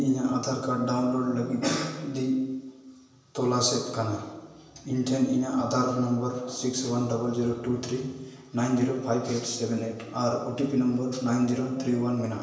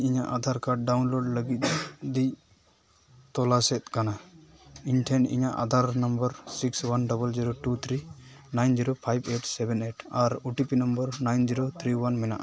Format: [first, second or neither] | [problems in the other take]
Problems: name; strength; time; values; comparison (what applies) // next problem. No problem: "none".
second | room echo; dies away in 1 s